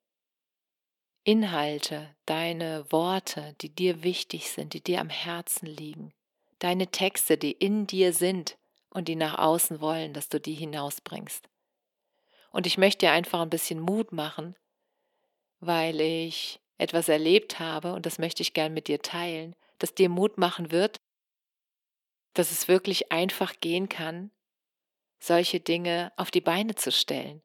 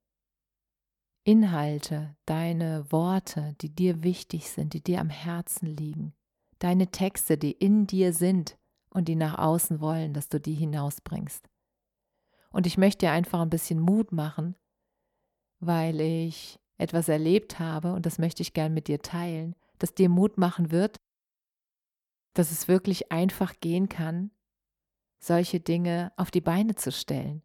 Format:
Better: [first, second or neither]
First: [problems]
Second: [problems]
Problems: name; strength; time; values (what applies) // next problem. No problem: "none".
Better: second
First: thin; somewhat; fading below 350 Hz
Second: none